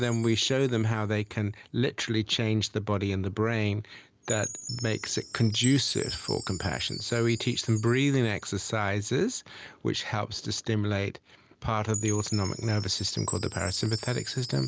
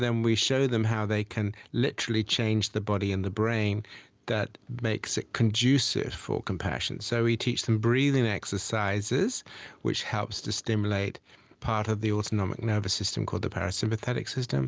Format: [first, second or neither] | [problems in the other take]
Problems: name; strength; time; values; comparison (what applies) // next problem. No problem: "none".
second | background sound (Chime); 14 dB below the speech